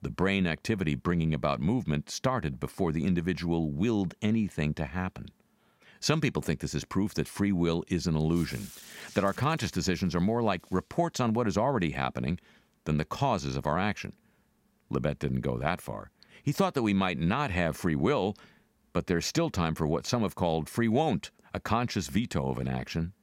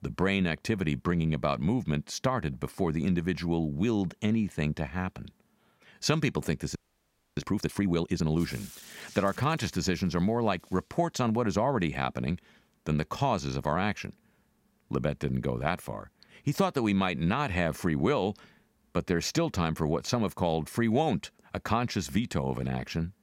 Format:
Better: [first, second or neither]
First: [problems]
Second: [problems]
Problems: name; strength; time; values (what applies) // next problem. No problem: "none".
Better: first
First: none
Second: audio freezing; at 7 s for 0.5 s